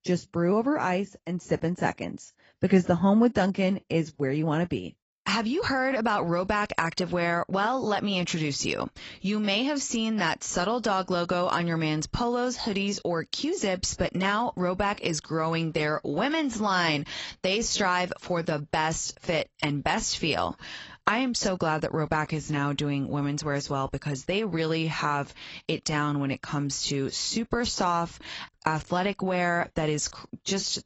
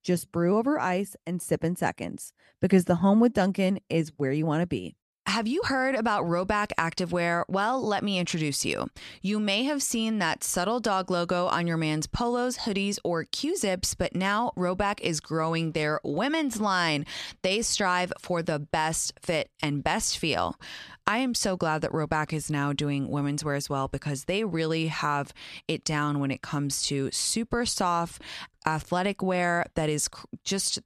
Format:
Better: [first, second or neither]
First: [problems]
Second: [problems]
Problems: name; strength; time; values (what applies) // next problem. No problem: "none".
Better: second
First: garbled, watery; badly; nothing above 7.5 kHz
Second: none